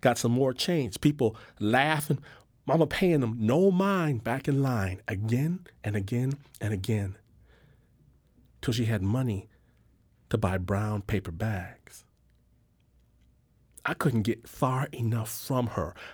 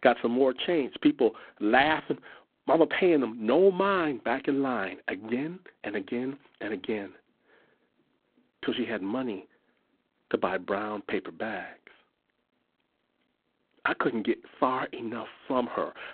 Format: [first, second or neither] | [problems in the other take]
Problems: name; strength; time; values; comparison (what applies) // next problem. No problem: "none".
first | phone-call audio; poor line